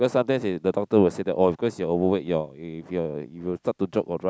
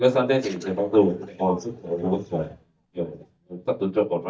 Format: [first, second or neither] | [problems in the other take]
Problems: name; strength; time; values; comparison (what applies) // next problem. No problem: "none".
first | noise reduction (neural mask model DeepFilterNet 3)